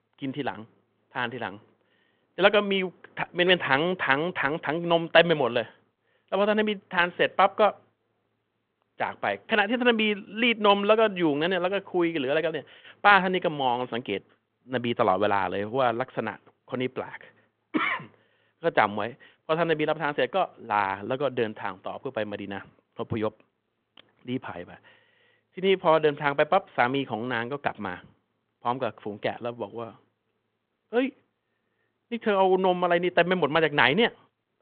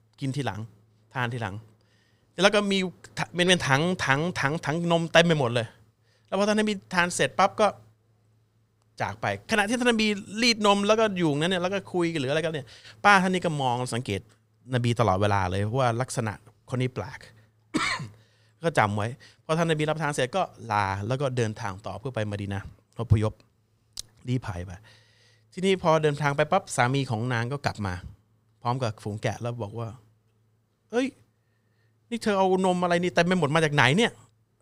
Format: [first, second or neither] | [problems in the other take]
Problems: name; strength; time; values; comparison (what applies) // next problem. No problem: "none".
second | phone-call audio